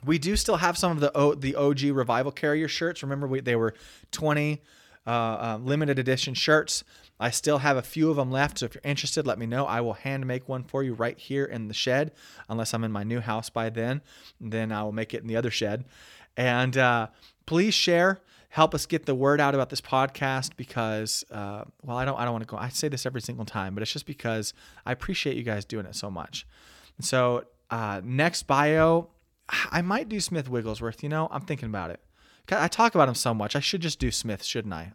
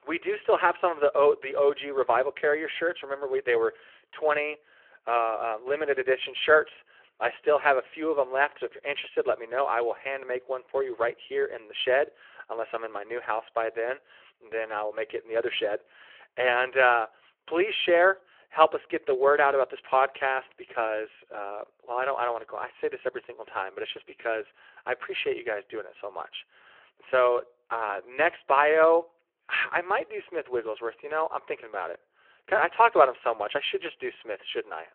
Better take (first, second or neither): first